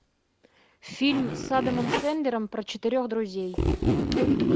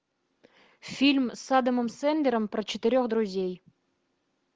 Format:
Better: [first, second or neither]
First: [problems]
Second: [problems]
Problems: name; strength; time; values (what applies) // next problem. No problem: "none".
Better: second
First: background sound (Zipper (clothing)); 1 dB above the speech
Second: none